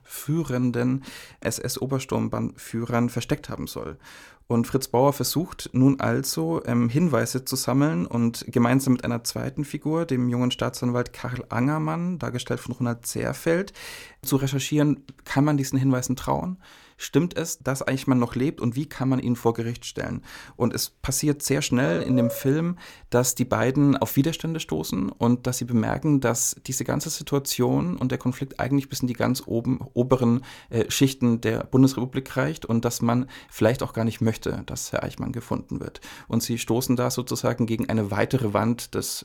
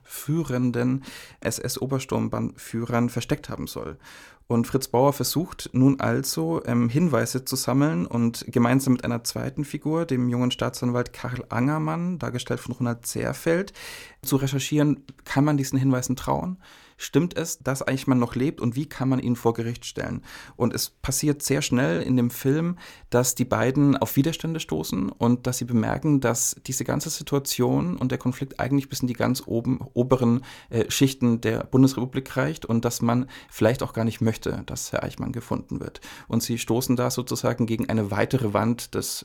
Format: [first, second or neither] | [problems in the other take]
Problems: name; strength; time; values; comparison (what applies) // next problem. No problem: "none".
second | dog barking; noticeable; at 22 s; peak 7 dB below the speech